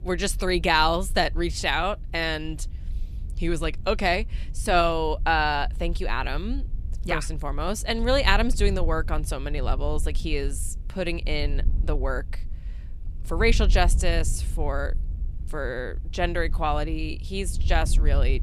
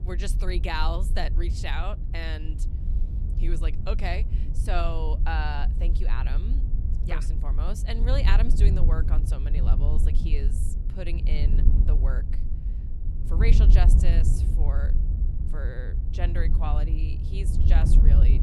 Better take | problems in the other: first | wind noise on the microphone; heavy; 8 dB below the speech; occasional gusts in the first

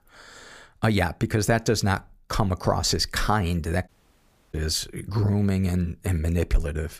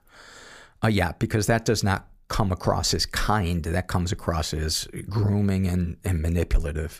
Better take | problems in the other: second | audio cutting out; at 4 s for 0.5 s

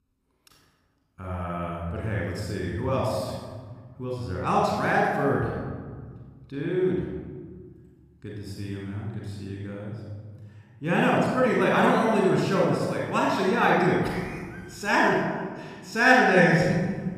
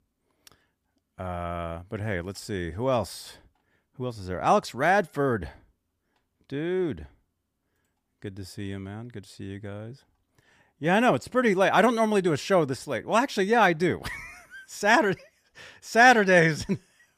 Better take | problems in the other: second | room echo; strong; dies away in 1.7 s // off-mic speech; somewhat distant

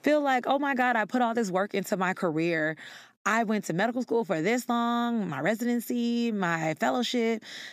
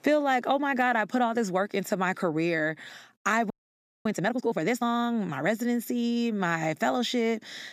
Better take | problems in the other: first | audio freezing; at 3.5 s for 0.5 s

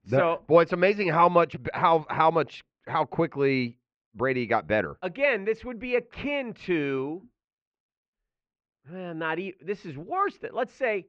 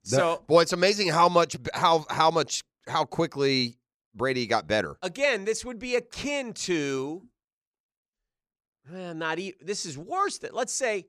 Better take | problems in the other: second | muffled; very; fading above 2.5 kHz

